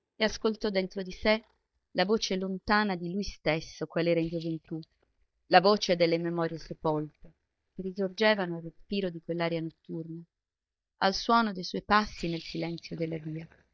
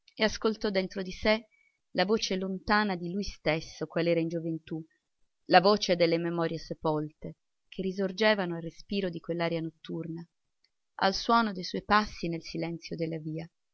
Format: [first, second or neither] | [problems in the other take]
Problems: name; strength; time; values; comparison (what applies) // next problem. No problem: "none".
second | noise reduction (neural mask model DeepFilterNet 3)